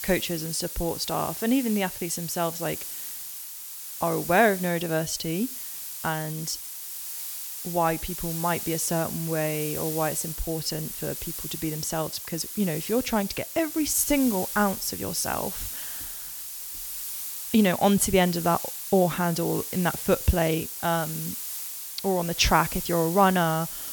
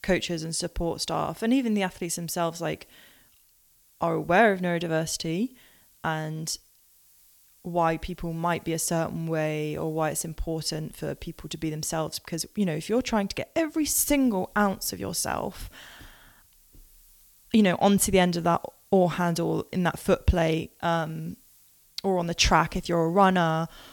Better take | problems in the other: second | hiss; loud; throughout; 7 dB below the speech; faint in the second

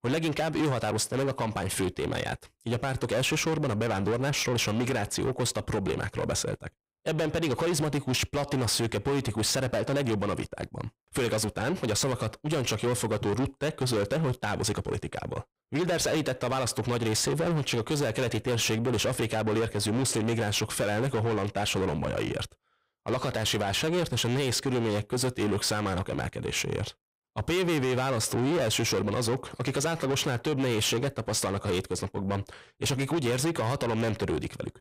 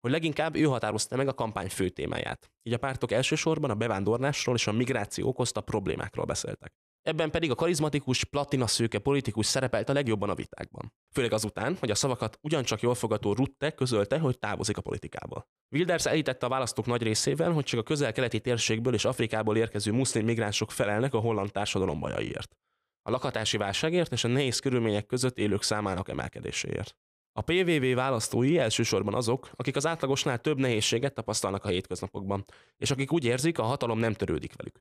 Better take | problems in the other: second | distortion; heavy; 8 dB below the speech

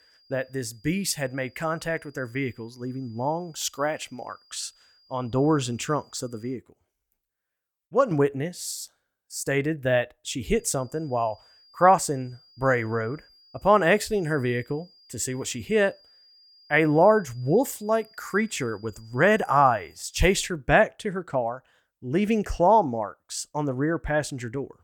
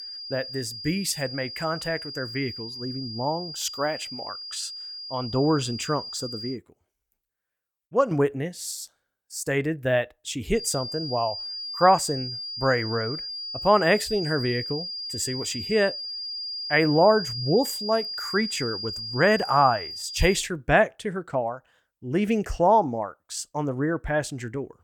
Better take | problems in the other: first | high-pitched whine; loud; until 6.5 s and from 11 to 20 s; 5 kHz, 7 dB below the speech; faint in the first

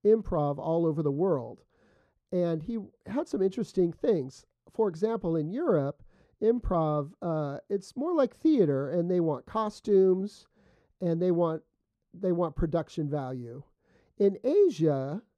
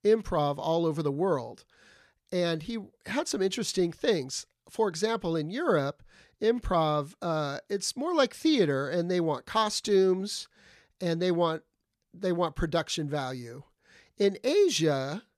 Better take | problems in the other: second | muffled; very; fading above 1 kHz

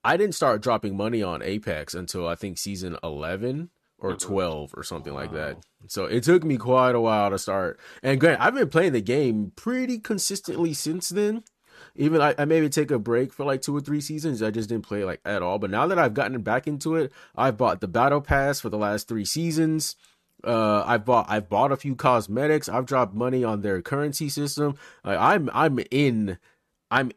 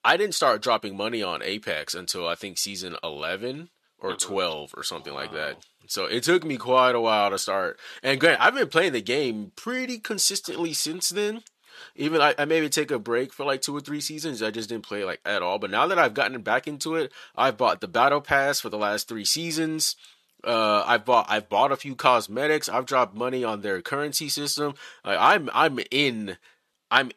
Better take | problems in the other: first | thin; somewhat; fading below 650 Hz

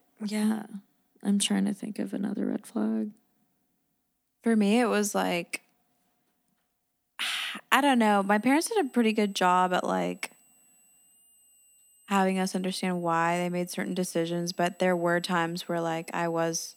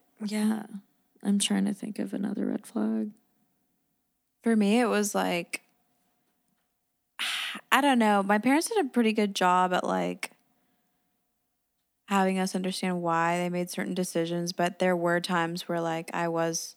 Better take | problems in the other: second | high-pitched whine; faint; from 8 s on; 8 kHz, 30 dB below the speech

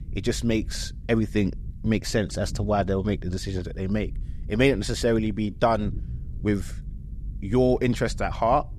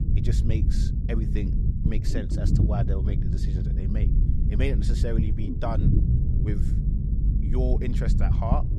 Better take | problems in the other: first | low rumble; loud; throughout; 2 dB below the speech; faint in the first

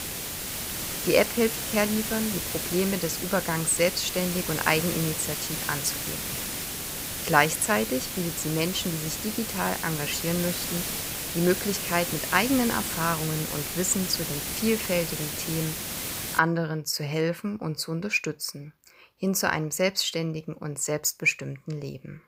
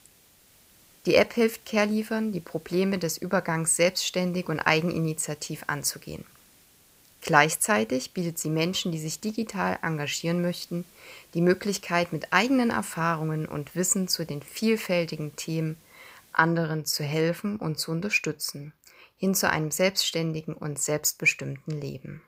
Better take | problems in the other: second | hiss; loud; until 16 s; 3 dB below the speech; faint in the second

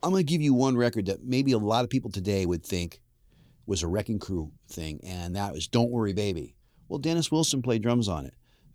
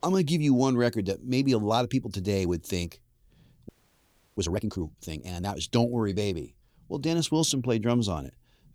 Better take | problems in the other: first | audio freezing; at 3.5 s for 0.5 s

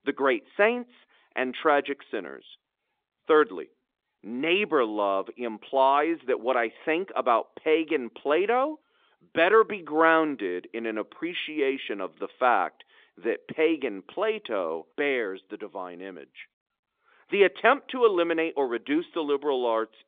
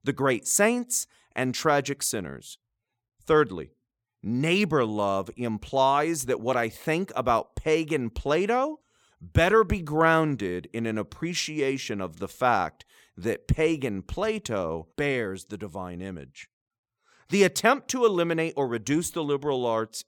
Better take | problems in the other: second | phone-call audio

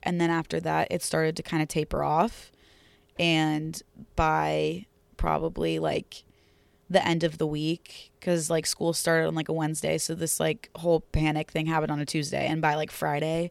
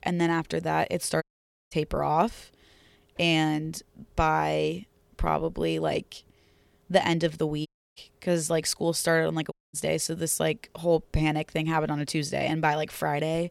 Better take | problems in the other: first | audio cutting out; at 1 s, at 7.5 s and at 9.5 s

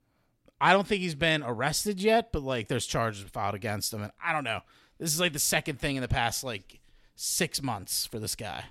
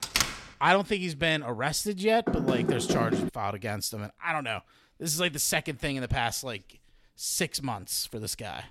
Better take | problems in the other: first | door banging; loud; at the start and from 2.5 to 3.5 s; peak 2 dB above the speech

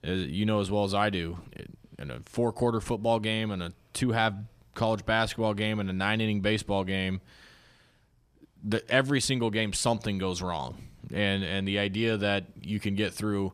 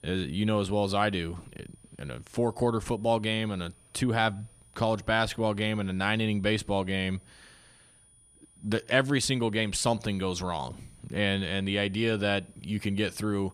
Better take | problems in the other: first | high-pitched whine; faint; throughout; 9.5 kHz, 30 dB below the speech

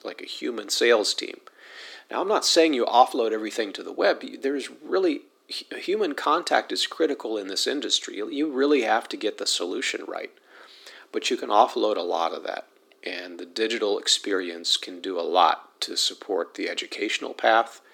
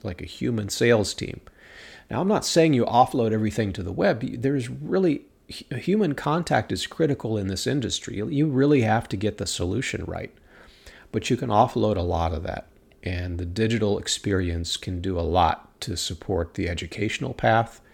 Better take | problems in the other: second | thin; somewhat; fading below 300 Hz

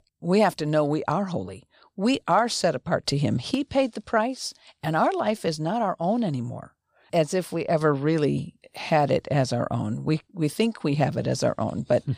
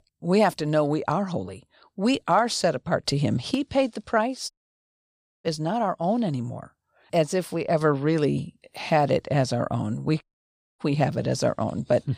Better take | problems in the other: first | audio cutting out; at 4.5 s for 1 s and at 10 s for 0.5 s

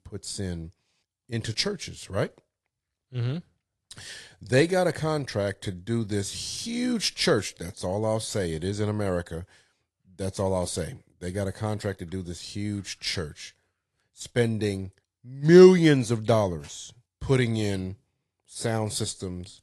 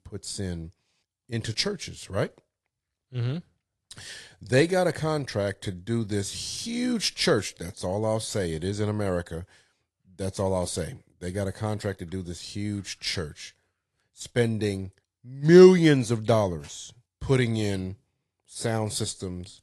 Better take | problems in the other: neither | garbled, watery; slightly; nothing above 11 kHz; the same in both

